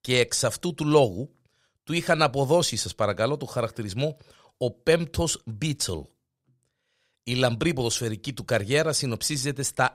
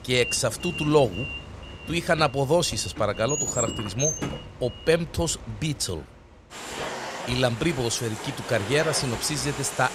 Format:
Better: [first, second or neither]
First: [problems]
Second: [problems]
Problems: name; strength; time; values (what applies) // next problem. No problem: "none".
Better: first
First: none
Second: household noises; loud; throughout; 7 dB below the speech